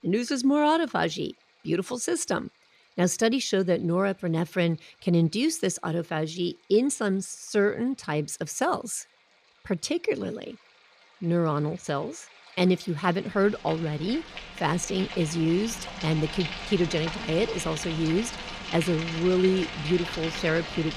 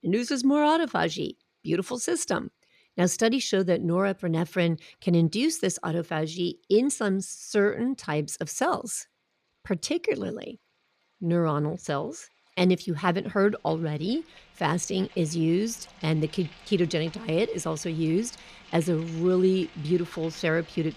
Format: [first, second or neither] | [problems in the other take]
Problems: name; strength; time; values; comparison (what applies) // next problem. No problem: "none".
second | rain or running water; loud; throughout; 9 dB below the speech; faint in the second